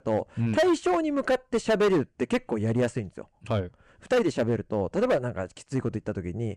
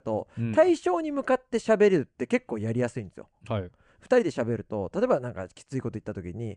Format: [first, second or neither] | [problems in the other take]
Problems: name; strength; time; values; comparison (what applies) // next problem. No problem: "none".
second | distortion; heavy; 8% of the sound clipped